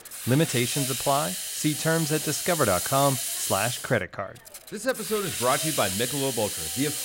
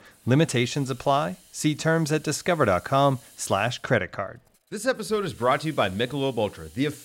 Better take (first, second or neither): second